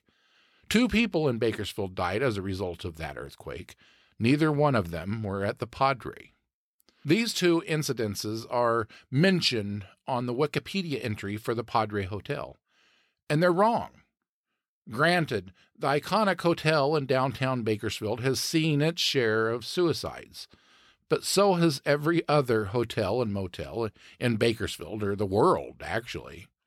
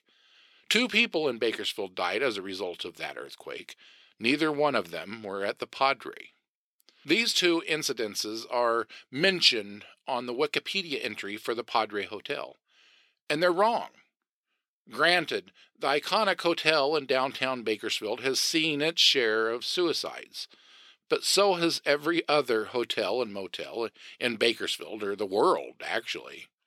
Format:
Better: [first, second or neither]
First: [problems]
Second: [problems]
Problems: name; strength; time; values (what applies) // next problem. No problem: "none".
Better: first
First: none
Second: thin; somewhat; fading below 350 Hz